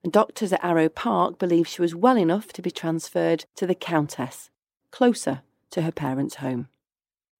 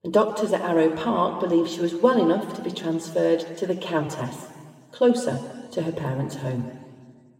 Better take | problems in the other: first | room echo; slight; dies away in 1.8 s

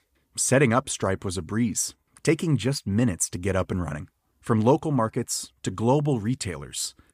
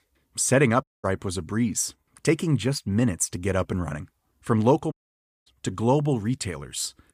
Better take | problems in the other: first | audio cutting out; at 1 s and at 5 s for 0.5 s

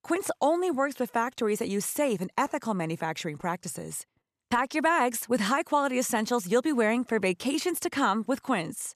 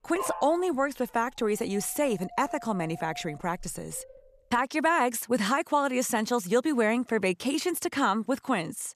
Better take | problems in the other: first | dog barking; noticeable; until 4 s; peak 8 dB below the speech

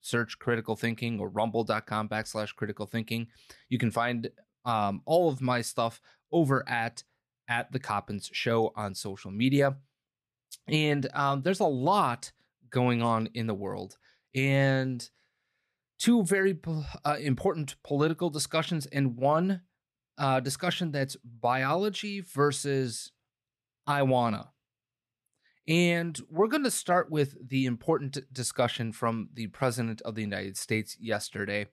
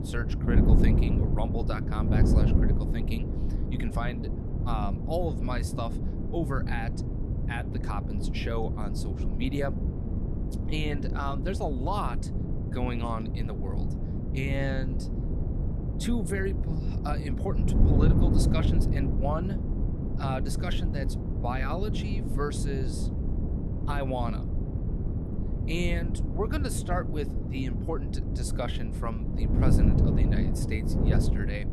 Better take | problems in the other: first | wind noise on the microphone; heavy; 3 dB below the speech

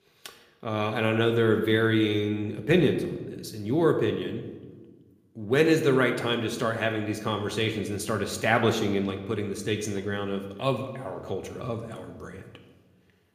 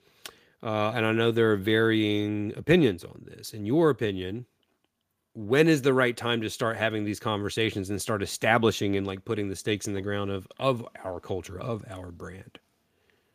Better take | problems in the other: second | room echo; slight; dies away in 0.9 s

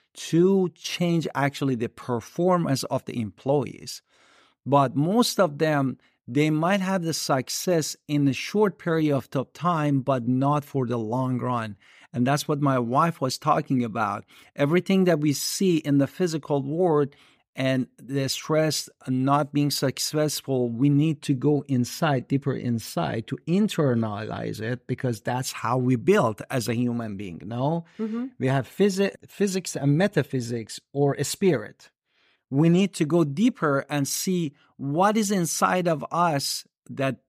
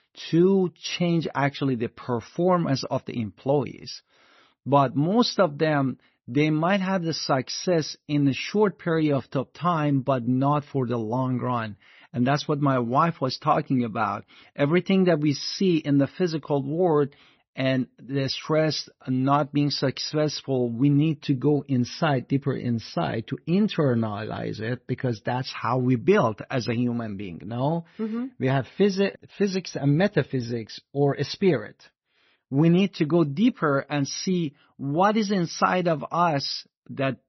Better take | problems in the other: first | garbled, watery; slightly; nothing above 6 kHz

